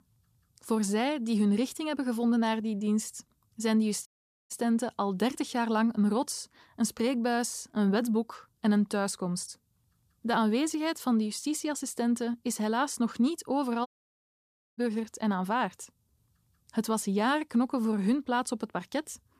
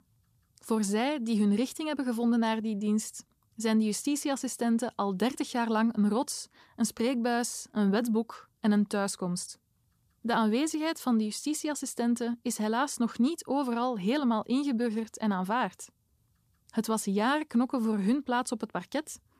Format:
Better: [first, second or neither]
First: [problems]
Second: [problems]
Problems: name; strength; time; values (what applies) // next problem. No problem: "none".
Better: second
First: audio cutting out; at 4 s and at 14 s for 1 s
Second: none